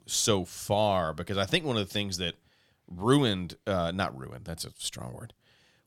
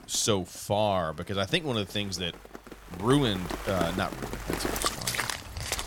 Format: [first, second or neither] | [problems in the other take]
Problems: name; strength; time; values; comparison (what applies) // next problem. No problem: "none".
first | rain or running water; loud; throughout; 4 dB below the speech